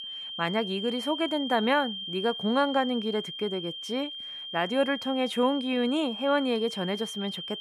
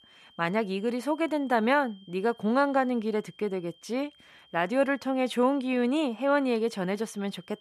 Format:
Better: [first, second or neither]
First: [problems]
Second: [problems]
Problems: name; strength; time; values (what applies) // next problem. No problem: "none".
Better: second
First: high-pitched whine; loud; throughout; 3 kHz, 7 dB below the speech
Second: high-pitched whine; faint; throughout; 3 kHz, 30 dB below the speech